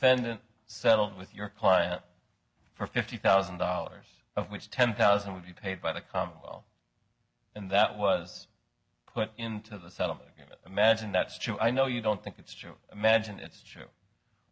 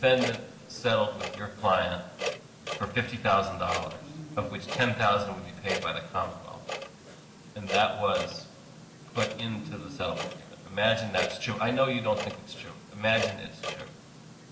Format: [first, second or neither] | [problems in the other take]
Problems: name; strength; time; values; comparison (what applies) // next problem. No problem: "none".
first | background sound (Clock); 9 dB below the speech // room echo; dies away in 1.6 s